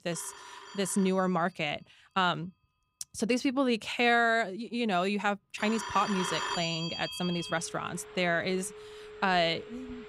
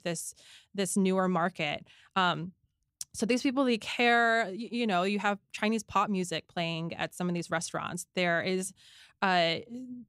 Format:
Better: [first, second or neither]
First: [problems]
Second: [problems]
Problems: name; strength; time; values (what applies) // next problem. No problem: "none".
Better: second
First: alarms or sirens; loud; throughout; 9 dB below the speech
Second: none